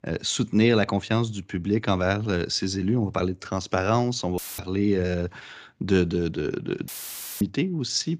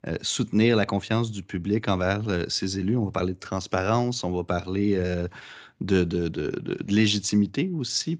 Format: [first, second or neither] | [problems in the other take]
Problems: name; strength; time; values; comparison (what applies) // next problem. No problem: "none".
second | audio cutting out; filled with static; at 4.5 s and at 7 s for 0.5 s